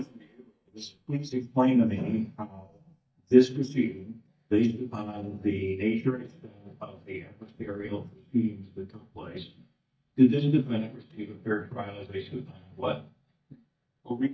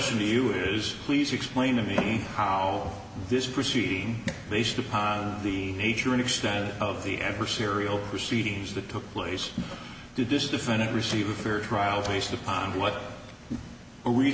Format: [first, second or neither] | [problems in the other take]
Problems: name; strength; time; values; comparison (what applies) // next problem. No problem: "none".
second | noise reduction (neural mask model DeepFilterNet 3)